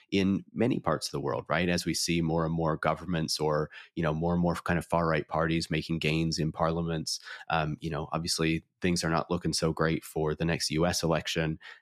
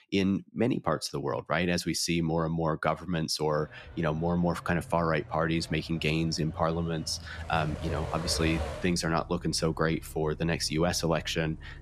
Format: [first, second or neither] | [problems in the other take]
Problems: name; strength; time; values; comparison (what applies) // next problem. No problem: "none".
first | traffic noise; noticeable; from 3.5 s on; 15 dB below the speech